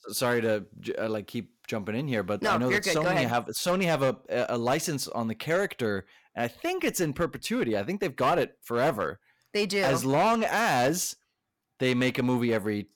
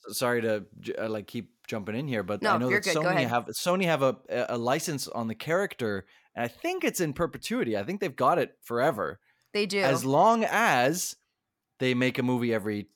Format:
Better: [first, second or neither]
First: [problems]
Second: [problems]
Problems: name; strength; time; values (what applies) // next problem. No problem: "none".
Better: second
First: distortion; slight; 7% of the sound clipped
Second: none